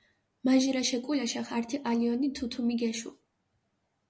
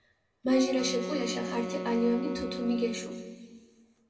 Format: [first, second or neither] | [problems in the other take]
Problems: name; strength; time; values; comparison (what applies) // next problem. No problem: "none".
first | background sound (Wind instrument, woodwind instrument); 7 dB below the speech // room echo; dies away in 2 s